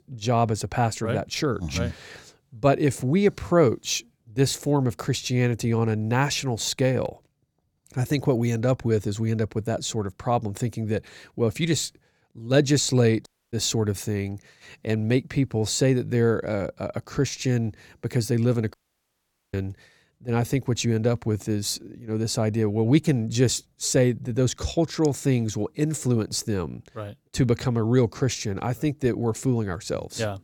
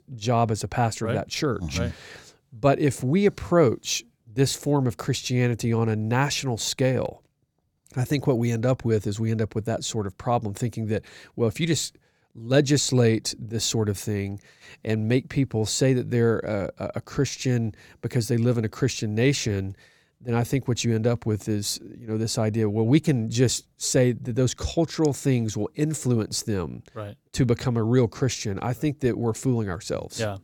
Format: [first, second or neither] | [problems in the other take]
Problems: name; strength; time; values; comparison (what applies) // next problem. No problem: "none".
second | audio cutting out; at 13 s and at 19 s for 1 s